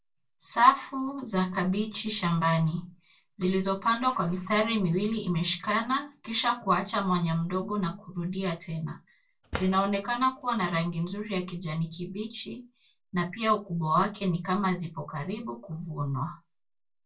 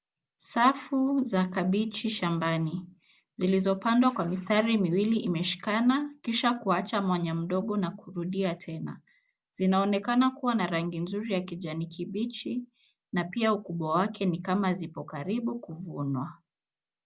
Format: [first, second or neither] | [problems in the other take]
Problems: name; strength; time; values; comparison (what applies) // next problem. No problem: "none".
second | background sound (Drawer open or close); 12 dB below the speech // room echo; dies away in 0.2 s